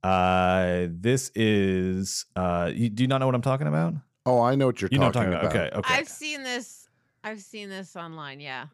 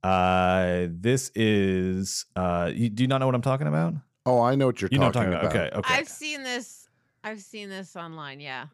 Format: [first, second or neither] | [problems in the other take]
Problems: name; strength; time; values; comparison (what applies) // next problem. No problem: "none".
neither | none